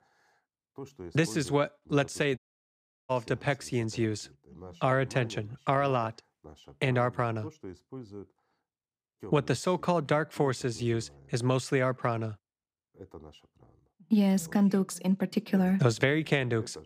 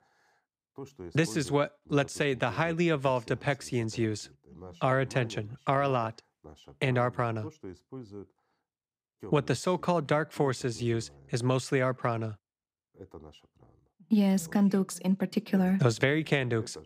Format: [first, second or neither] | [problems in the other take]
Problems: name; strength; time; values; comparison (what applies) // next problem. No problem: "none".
second | audio cutting out; at 2.5 s for 0.5 s